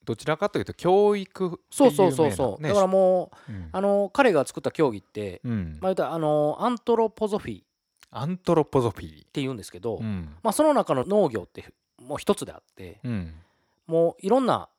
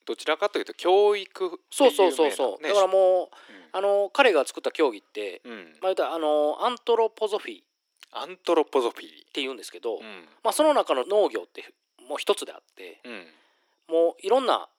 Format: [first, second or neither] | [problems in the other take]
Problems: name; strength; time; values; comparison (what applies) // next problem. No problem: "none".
first | thin; somewhat; fading below 300 Hz